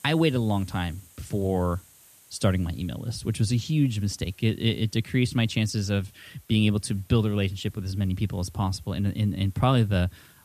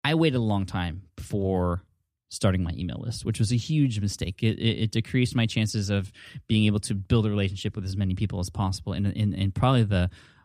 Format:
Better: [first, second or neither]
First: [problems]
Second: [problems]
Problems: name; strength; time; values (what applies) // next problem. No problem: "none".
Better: second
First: hiss; faint; throughout; 25 dB below the speech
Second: none